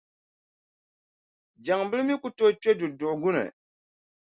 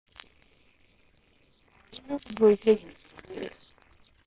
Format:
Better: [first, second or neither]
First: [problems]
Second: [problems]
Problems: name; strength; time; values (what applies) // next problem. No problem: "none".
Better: first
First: none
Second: noise reduction (neural separator model SepFormer WHAMR!)